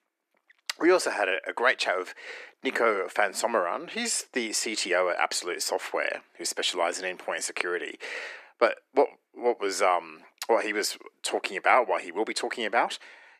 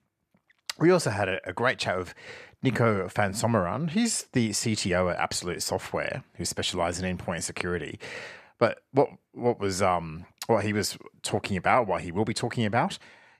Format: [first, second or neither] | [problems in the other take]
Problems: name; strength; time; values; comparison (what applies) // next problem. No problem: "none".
second | thin; somewhat; fading below 300 Hz